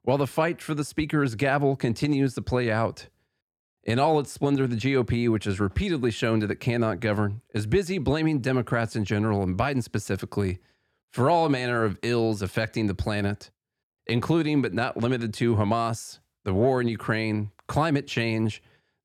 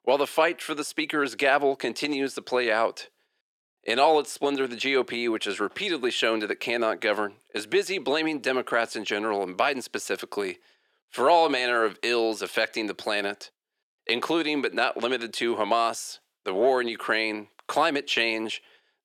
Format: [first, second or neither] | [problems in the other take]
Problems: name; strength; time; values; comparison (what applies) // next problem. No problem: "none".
first | thin; somewhat; fading below 400 Hz